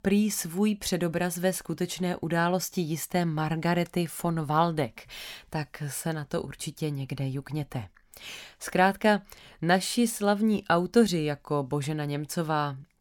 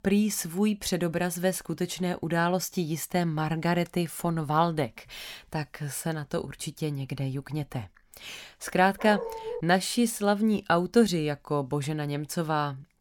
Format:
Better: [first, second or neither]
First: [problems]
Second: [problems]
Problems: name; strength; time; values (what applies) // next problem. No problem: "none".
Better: first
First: none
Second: dog barking; noticeable; at 9 s; peak 8 dB below the speech